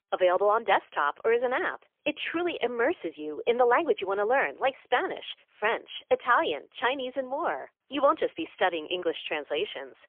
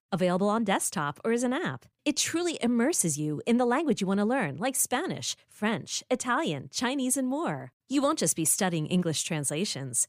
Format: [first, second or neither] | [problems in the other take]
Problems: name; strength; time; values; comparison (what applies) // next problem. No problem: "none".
second | phone-call audio; poor line; nothing above 3.5 kHz